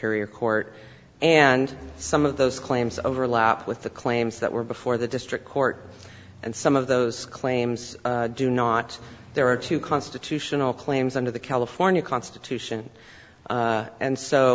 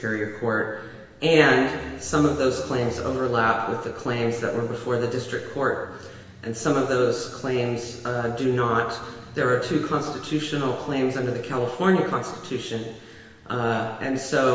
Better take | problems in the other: first | room echo; dies away in 1.5 s

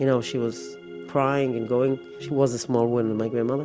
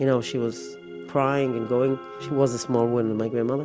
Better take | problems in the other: first | background sound (Wind instrument, woodwind instrument); 19 dB below the speech

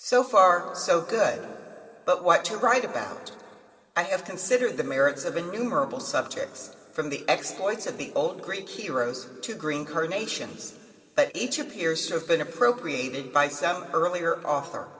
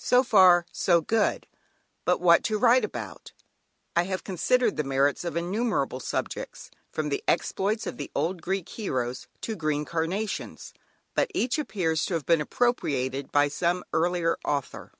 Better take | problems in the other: second | room echo; dies away in 2.3 s

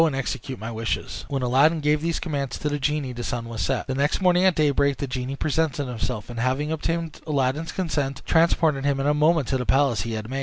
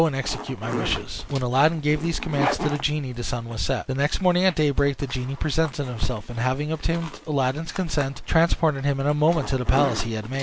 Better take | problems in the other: first | background sound (Zipper (clothing)); 12 dB below the speech

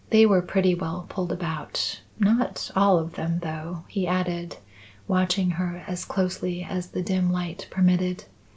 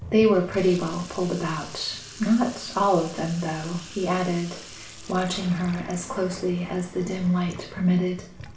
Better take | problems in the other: first | background sound (Sink (filling or washing) / Water tap, faucet); 17 dB below the speech // room echo; dies away in 0.5 s

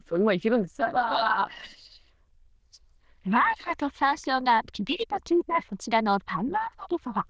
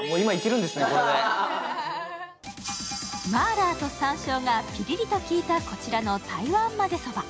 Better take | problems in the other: second | noise reduction (neural diffusion model UNIVERSE++)

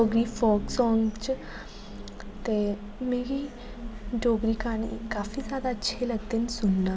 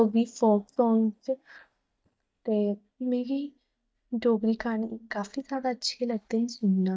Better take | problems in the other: first | noise reduction (neural mask model DeepFilterNet 3)

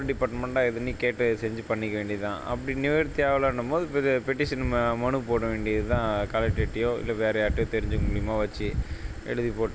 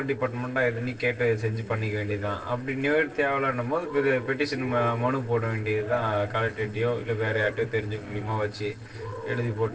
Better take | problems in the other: first | noise reduction (neural separator model SepFormer DNS4)

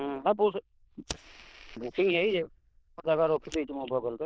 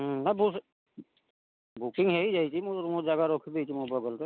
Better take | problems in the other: second | noise reduction (neural diffusion model UNIVERSE++)

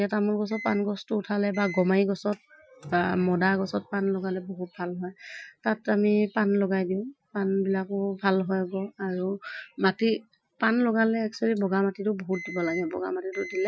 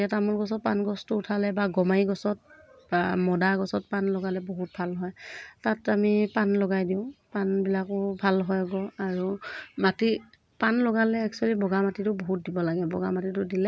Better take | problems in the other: second | noise reduction (classical method Wiener filter)

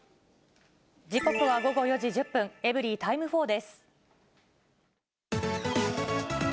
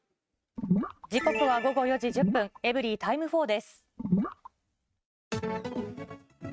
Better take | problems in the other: first | noise reduction (neural mask model RNNoise)

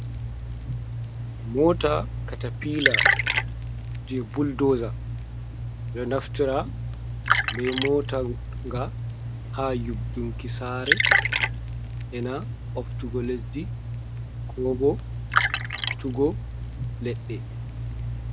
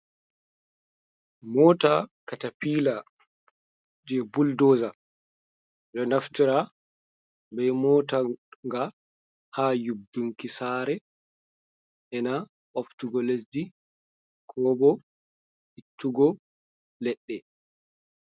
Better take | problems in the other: second | background sound (Liquid); 1 dB above the speech

